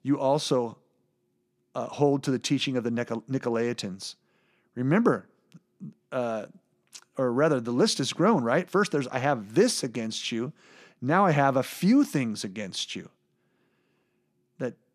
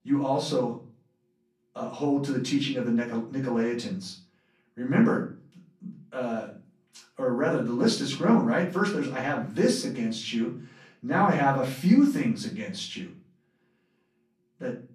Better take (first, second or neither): first